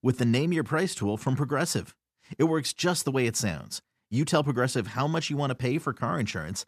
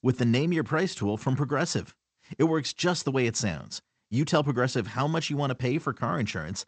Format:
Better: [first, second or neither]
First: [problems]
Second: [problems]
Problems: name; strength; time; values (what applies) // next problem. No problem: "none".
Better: first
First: none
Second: garbled, watery; slightly; nothing above 8 kHz